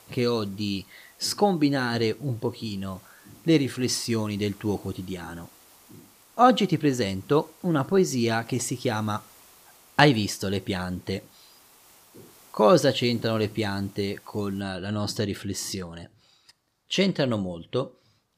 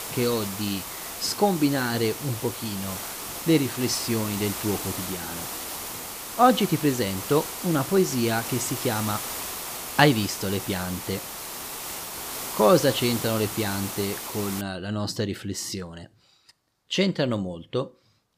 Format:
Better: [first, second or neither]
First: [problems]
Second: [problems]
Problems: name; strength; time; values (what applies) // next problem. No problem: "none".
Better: first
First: hiss; faint; until 15 s; 25 dB below the speech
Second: hiss; loud; until 15 s; 6 dB below the speech